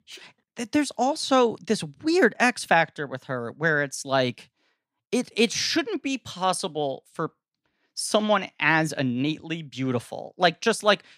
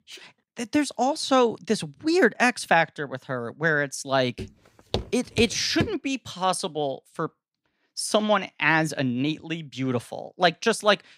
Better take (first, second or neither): first